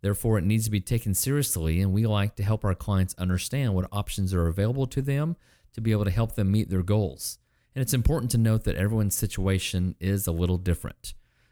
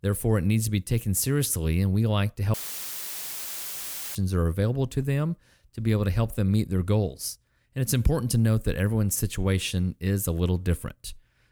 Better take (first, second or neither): first